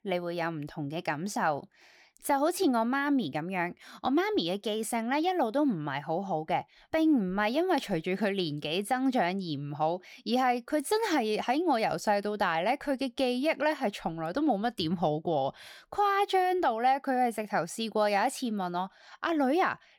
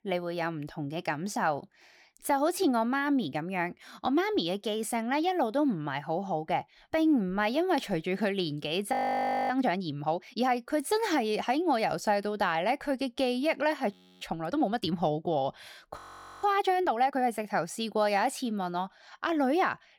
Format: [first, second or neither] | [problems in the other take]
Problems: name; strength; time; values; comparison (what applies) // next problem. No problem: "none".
first | audio freezing; at 9 s for 0.5 s, at 14 s and at 16 s